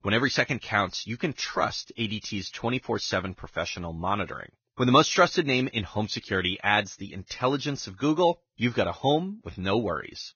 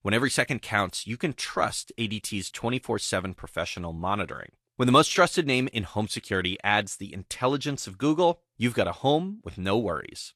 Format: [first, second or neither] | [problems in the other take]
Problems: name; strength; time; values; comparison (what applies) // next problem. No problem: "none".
second | garbled, watery; badly; nothing above 6.5 kHz; slightly in the second